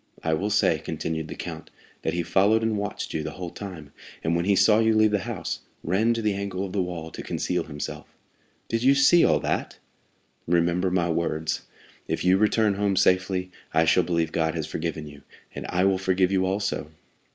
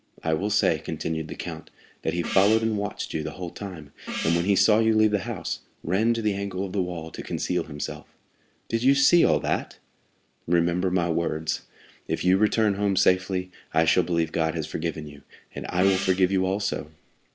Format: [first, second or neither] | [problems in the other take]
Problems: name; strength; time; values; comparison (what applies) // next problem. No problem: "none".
first | background sound (Gong); 12 dB below the speech